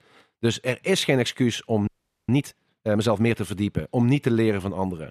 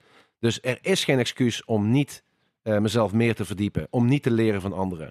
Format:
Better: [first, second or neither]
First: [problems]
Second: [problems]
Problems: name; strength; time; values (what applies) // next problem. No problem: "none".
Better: second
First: audio freezing; at 2 s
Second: none